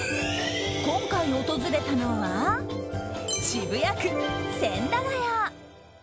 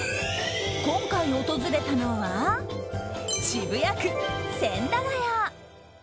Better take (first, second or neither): second